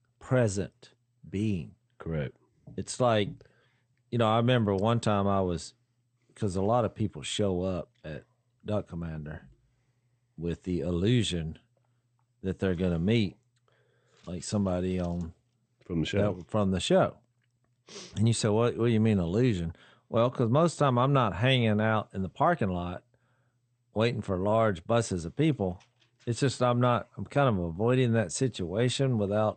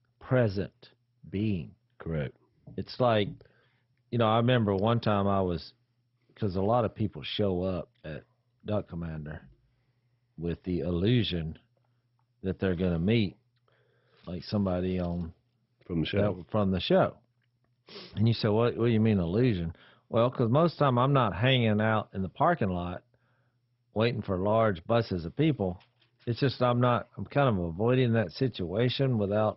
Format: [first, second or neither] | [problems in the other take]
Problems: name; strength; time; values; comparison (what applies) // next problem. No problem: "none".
first | garbled, watery; badly; nothing above 5.5 kHz; slightly in the first